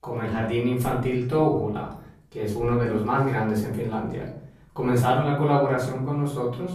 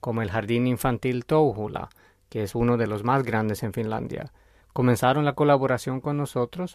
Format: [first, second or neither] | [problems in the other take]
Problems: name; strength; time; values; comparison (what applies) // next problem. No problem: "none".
second | off-mic speech; far // room echo; noticeable; dies away in 0.6 s